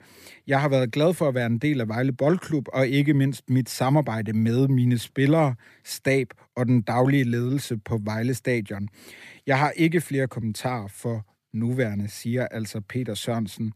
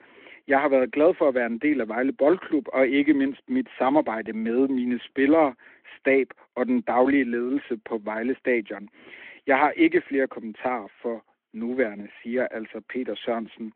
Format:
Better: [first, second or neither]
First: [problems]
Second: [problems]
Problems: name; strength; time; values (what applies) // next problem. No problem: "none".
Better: first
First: none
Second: phone-call audio